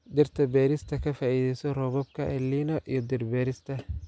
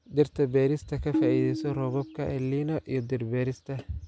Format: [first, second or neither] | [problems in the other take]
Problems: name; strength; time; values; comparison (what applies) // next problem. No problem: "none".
first | background sound (Tabla); 5 dB below the speech